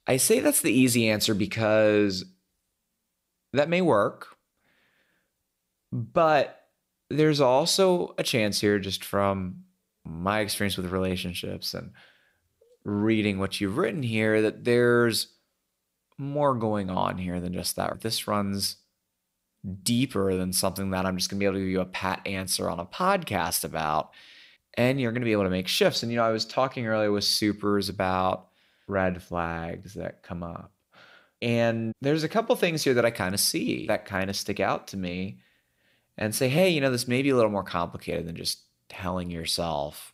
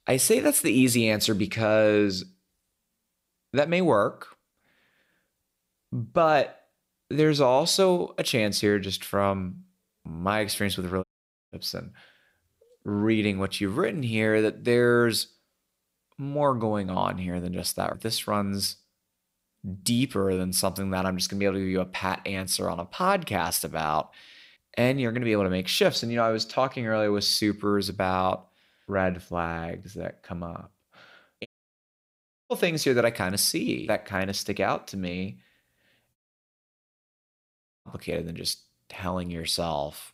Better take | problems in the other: first | audio cutting out; at 11 s, at 31 s for 1 s and at 36 s for 1.5 s

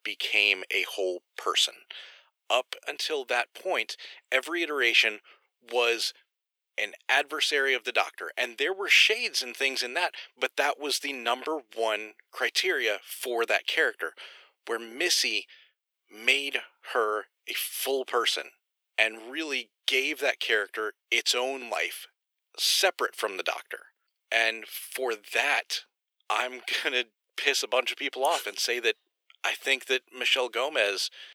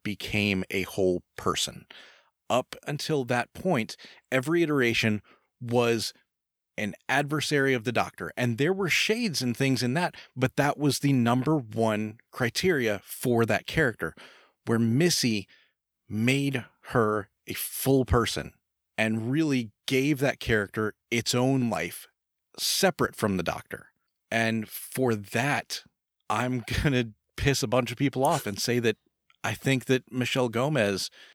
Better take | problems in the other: second | thin; very; fading below 400 Hz

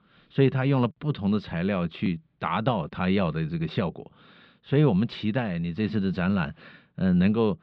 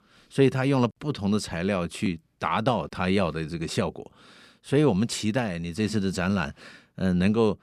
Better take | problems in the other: second | muffled; slightly; fading above 3.5 kHz

